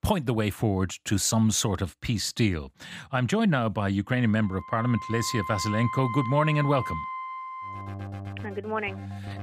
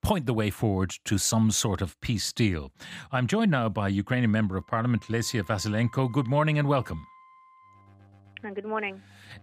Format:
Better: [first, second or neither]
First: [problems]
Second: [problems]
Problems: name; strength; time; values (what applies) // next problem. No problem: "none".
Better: second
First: background music; loud; from 4.5 s on; 9 dB below the speech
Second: background music; faint; from 4.5 s on; 25 dB below the speech